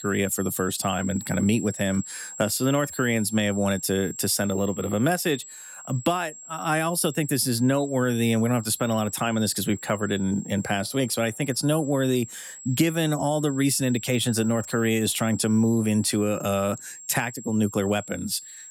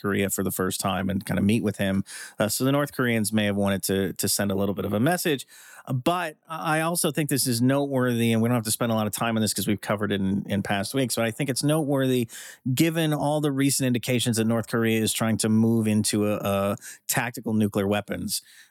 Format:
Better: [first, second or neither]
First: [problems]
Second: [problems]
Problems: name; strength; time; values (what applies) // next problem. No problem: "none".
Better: second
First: high-pitched whine; noticeable; throughout; 7.5 kHz, 15 dB below the speech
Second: none